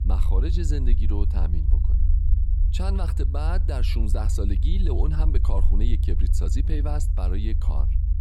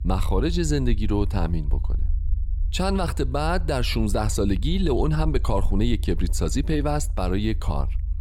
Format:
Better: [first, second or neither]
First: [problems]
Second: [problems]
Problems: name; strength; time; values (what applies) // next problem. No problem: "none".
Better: second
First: low rumble; loud; throughout; 7 dB below the speech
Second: low rumble; faint; throughout; 20 dB below the speech